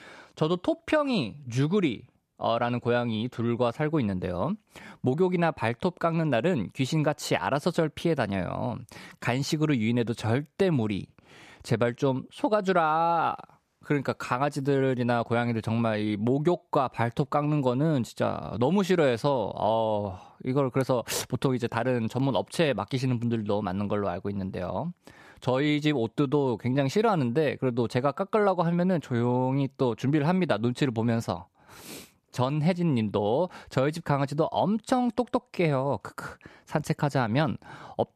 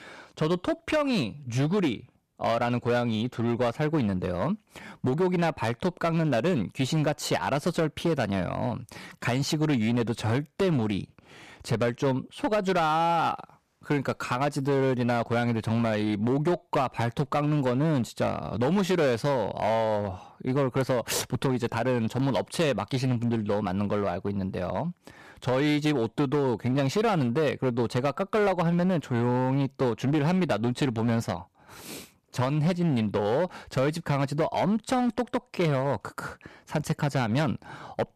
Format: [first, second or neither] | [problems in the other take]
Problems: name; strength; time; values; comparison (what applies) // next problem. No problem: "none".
first | distortion; slight; 10% of the sound clipped